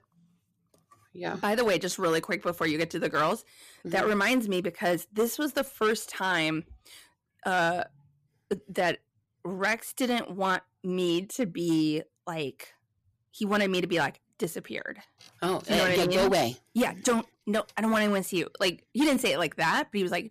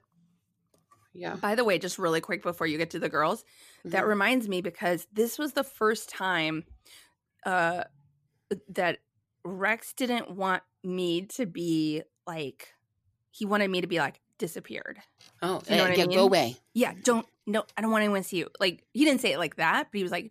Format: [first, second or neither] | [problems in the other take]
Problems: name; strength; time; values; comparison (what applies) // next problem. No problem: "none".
second | distortion; slight; 5% of the sound clipped